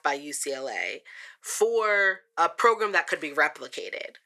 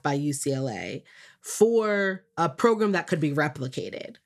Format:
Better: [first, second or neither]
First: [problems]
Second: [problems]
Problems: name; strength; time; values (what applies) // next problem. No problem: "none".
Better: second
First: thin; very; fading below 500 Hz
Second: none